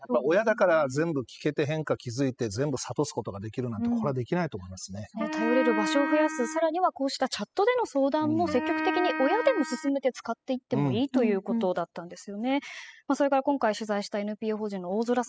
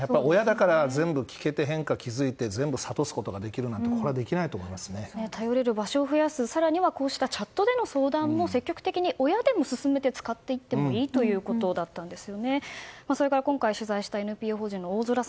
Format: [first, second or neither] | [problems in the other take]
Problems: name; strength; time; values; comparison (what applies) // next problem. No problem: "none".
second | noise reduction (classical method spectral subtraction)